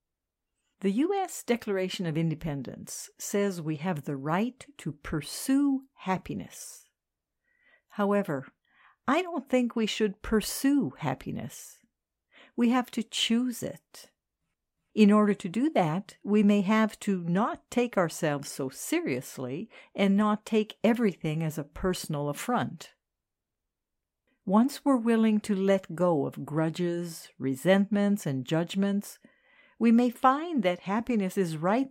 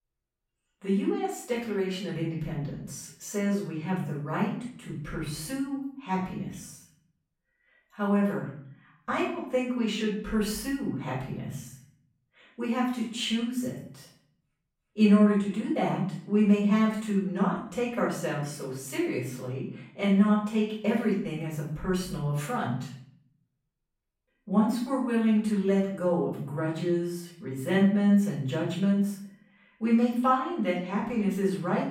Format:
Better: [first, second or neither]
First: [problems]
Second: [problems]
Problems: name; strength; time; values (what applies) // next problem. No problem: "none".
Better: first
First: none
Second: off-mic speech; far // room echo; noticeable; dies away in 0.6 s